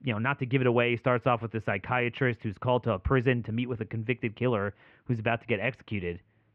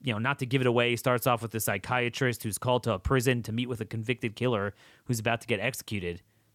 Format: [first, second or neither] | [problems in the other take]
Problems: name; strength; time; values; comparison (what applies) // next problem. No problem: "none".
second | muffled; very; fading above 2.5 kHz